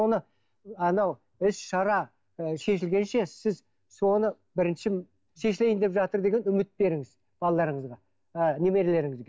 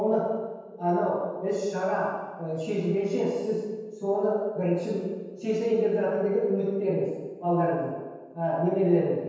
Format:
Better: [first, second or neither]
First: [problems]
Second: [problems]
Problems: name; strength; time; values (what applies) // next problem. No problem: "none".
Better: first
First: none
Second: room echo; dies away in 1.2 s